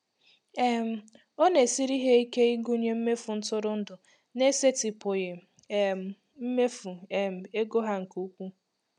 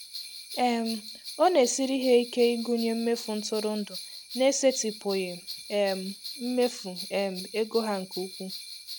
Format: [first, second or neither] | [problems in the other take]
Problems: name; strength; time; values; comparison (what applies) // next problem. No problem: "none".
first | background sound (Bell); 13 dB below the speech